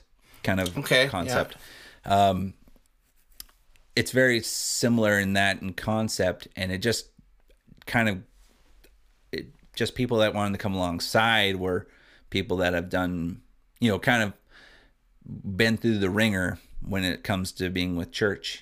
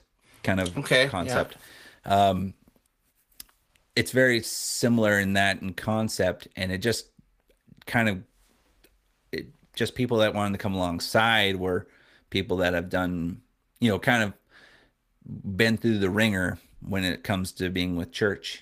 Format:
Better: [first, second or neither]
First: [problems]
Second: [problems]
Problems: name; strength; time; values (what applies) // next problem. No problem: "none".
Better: first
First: none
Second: garbled, watery; slightly; nothing above 15 kHz